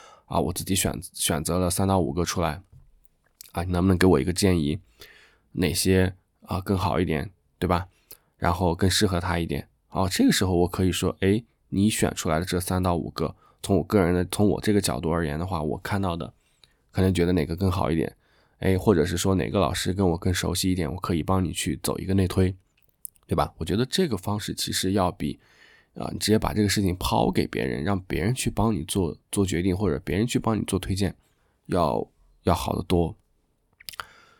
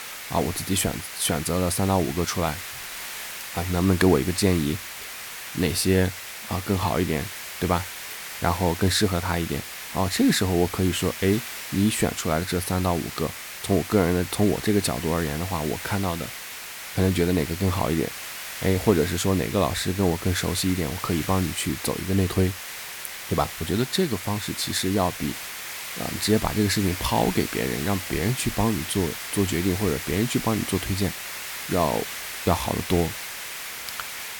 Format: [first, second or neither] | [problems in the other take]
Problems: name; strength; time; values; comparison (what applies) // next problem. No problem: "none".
first | hiss; loud; throughout; 8 dB below the speech